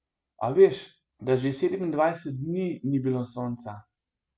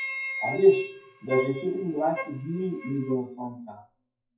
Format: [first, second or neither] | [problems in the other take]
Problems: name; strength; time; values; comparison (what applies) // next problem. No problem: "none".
first | noise reduction (classical method WPE with log-MMSE)